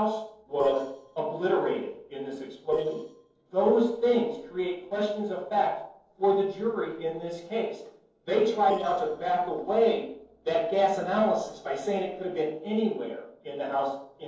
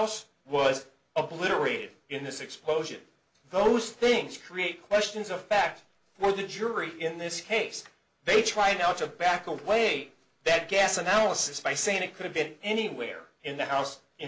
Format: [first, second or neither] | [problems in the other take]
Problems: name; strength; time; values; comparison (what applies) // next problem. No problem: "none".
second | noise reduction (neural separator model SepFormer DNS4)